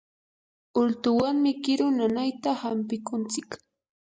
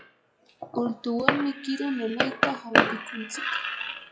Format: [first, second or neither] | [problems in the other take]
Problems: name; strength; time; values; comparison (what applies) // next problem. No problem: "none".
first | noise reduction (classical method log-MMSE)